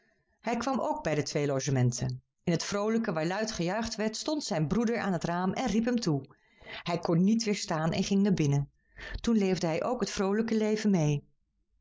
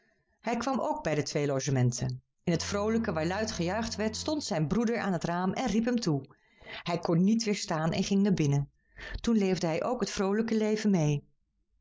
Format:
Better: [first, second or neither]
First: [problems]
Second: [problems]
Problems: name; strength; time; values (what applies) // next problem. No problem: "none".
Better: first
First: none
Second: background sound (Bowed string instrument); 17 dB below the speech